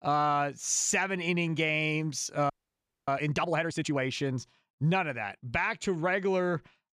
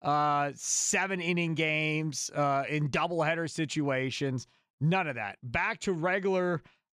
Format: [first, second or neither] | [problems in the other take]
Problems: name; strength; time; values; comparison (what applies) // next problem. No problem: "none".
second | audio freezing; at 2.5 s for 0.5 s